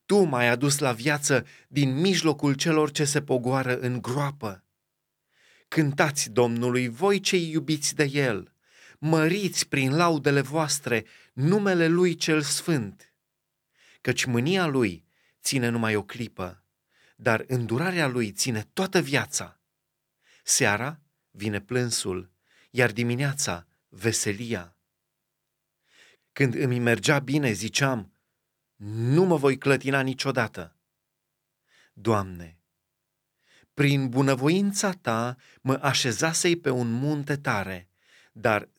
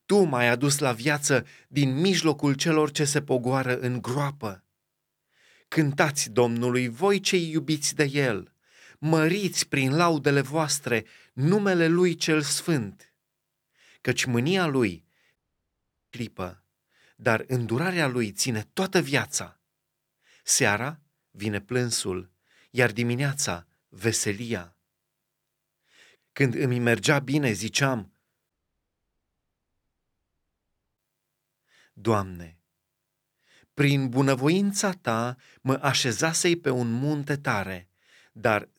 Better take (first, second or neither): first